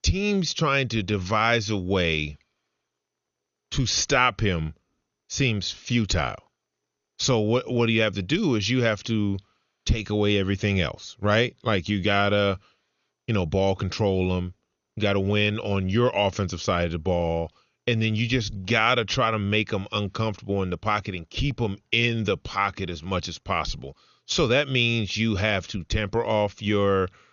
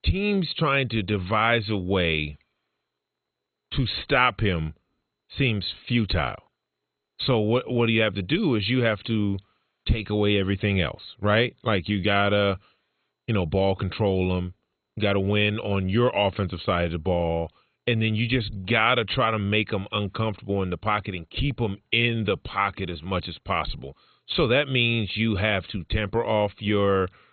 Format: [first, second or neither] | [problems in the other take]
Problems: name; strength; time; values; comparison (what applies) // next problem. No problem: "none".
first | garbled, watery; badly; nothing above 4 kHz; slightly in the first